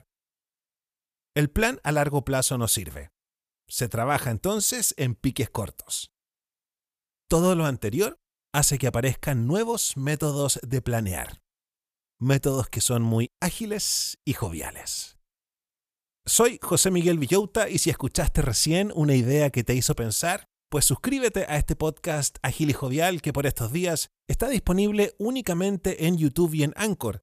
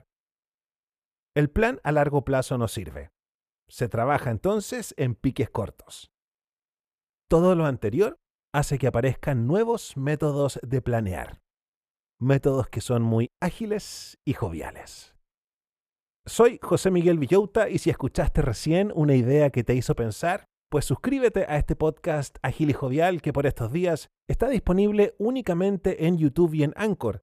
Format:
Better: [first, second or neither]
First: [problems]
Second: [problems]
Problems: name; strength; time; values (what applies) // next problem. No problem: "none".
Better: first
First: none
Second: muffled; very; fading above 3.5 kHz